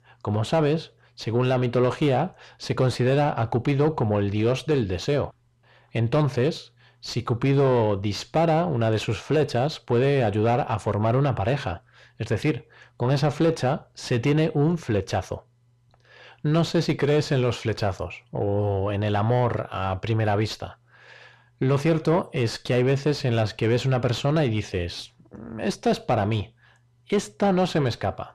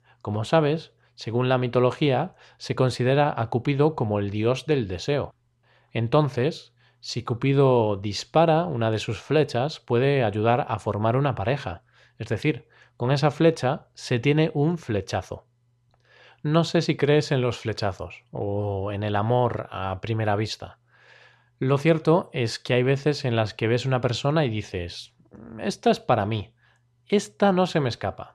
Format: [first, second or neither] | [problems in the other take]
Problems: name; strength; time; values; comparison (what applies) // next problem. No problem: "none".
second | distortion; slight; 10 dB below the speech